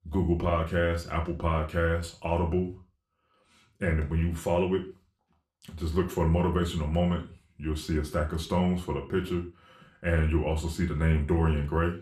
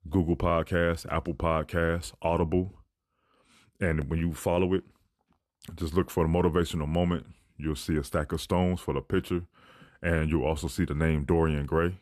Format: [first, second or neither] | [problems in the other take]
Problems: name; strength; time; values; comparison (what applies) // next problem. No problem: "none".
second | room echo; slight; dies away in 0.4 s // off-mic speech; somewhat distant